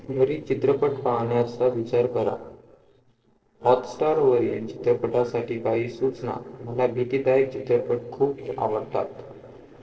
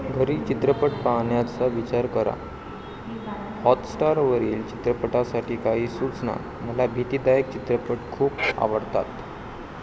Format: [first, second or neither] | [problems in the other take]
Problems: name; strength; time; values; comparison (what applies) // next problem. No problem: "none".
second | noise reduction (neural separator model SepFormer DNS4)